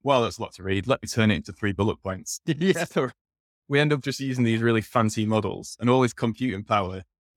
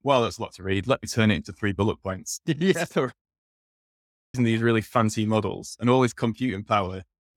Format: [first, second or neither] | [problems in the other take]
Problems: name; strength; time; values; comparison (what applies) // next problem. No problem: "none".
first | audio cutting out; at 3.5 s for 1 s